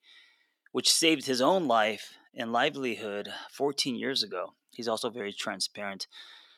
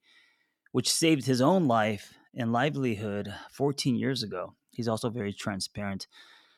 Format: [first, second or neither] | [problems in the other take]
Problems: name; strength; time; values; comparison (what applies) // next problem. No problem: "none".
second | thin; somewhat; fading below 350 Hz